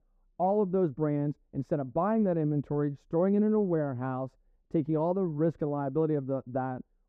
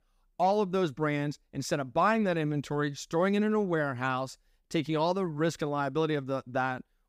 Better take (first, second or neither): second